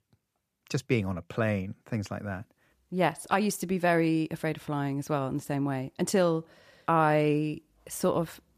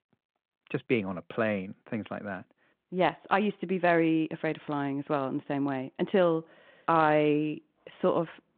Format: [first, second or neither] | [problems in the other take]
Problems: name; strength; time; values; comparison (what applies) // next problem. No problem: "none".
first | phone-call audio